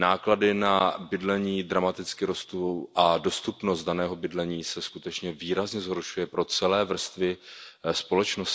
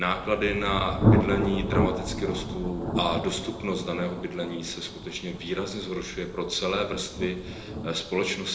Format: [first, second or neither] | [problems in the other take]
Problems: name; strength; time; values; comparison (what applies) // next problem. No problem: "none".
first | background sound (Thunder); 1 dB below the speech // room echo; dies away in 1 s